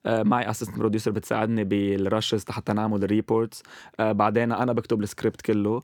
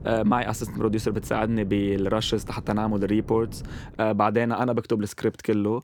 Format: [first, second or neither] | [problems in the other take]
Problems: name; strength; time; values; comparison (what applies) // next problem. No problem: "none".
first | wind noise on the microphone; occasional gusts; until 4 s; 25 dB below the speech